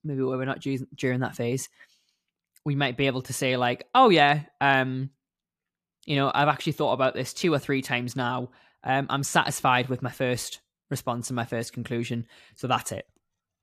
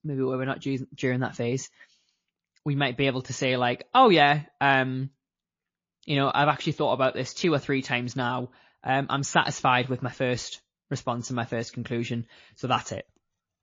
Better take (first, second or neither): first